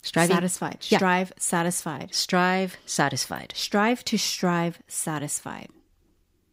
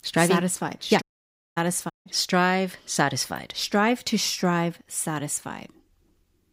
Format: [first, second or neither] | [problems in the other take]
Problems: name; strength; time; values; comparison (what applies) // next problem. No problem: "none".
first | audio cutting out; at 1 s for 0.5 s and at 2 s